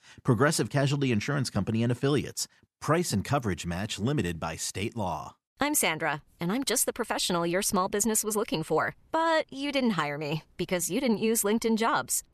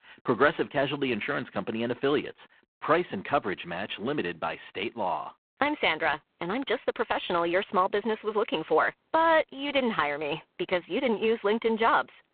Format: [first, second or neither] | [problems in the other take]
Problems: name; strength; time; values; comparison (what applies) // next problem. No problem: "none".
first | phone-call audio; poor line